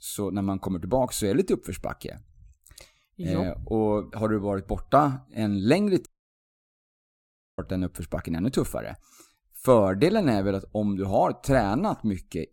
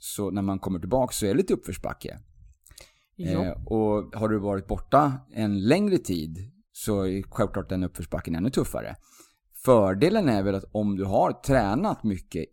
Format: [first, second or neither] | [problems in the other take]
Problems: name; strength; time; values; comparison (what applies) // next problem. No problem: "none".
second | audio cutting out; at 6 s for 1.5 s